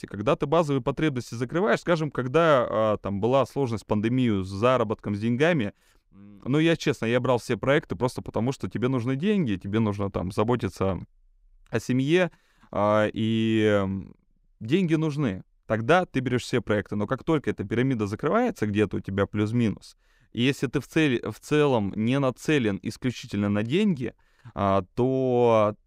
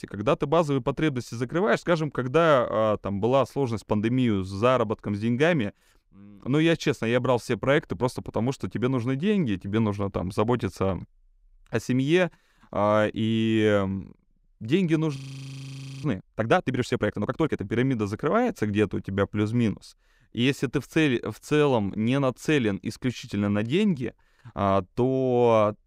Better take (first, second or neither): first